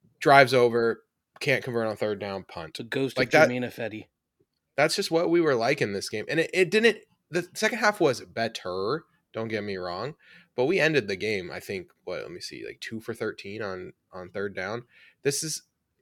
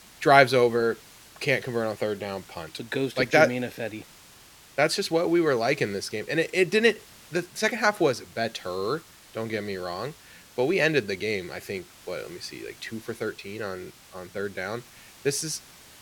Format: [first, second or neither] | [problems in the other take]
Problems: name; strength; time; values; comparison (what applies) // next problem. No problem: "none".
first | hiss; faint; throughout; 25 dB below the speech